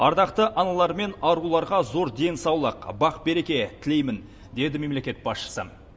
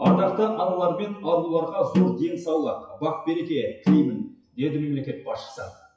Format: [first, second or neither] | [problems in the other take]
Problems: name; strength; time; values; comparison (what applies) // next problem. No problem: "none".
first | noise reduction (classical method WPE with log-MMSE)